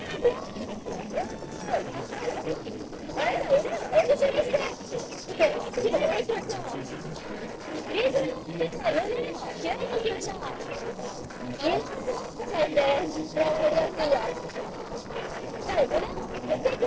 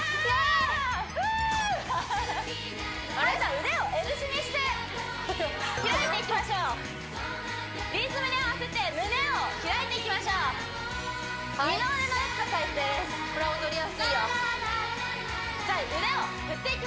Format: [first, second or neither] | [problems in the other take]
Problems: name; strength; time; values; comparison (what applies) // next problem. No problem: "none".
second | noise reduction (neural separator model SepFormer DNS4)